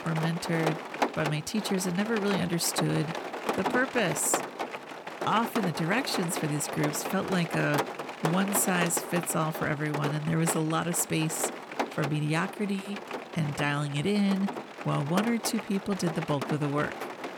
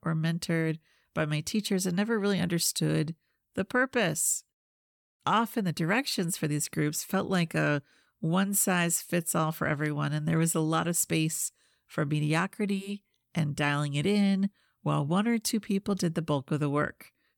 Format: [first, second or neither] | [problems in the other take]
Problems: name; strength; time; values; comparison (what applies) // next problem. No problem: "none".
second | rain or running water; loud; throughout; 6 dB below the speech